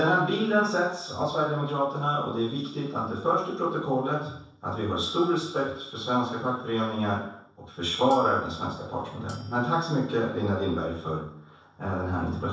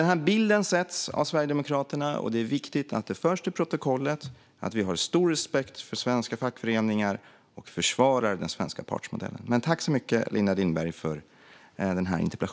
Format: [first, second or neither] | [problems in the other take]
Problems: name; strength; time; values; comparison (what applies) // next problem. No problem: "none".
second | noise reduction (neural separator model SepFormer DNS4)